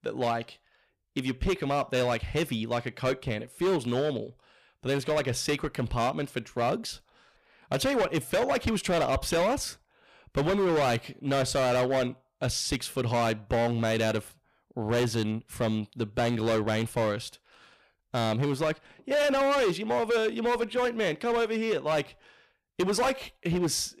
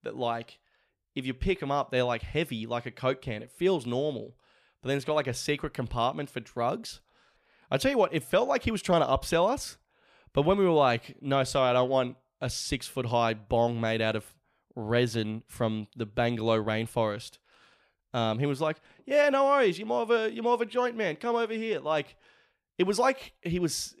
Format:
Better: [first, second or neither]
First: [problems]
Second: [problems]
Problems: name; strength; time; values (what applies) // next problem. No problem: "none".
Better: second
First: distortion; heavy; 14% of the sound clipped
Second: none